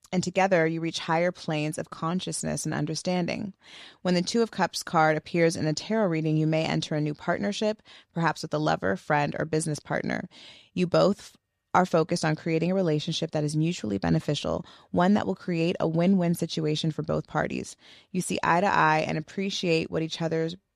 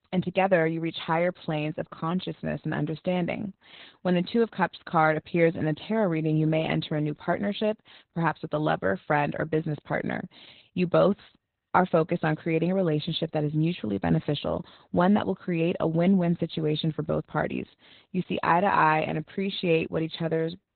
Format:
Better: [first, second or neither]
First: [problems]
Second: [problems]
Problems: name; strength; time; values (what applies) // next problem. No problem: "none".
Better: first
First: none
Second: garbled, watery; badly; nothing above 4 kHz